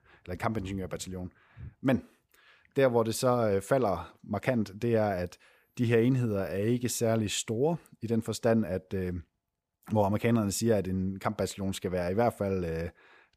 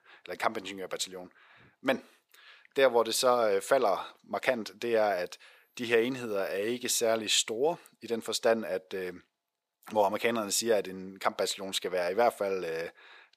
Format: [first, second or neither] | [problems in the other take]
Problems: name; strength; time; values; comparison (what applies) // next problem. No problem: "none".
first | thin; somewhat; fading below 450 Hz